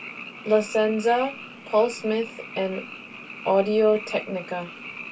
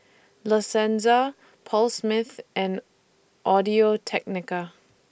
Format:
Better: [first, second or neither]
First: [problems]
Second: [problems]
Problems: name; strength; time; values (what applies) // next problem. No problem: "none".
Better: second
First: background sound (Frog); 14 dB below the speech // room echo; dies away in 0.1 s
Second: none